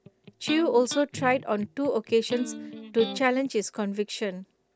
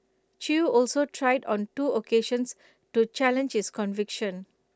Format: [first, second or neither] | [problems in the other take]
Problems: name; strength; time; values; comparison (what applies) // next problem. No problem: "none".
second | background sound (Electric guitar); 12 dB below the speech